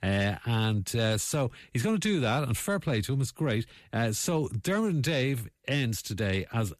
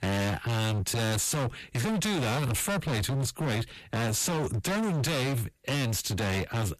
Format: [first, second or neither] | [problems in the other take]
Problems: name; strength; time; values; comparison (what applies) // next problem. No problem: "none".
first | distortion; heavy; 44% of the sound clipped